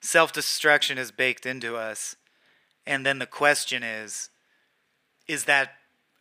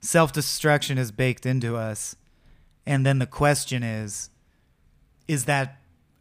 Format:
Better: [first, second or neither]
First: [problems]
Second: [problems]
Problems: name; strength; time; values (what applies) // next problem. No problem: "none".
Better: second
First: thin; very; fading below 400 Hz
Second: none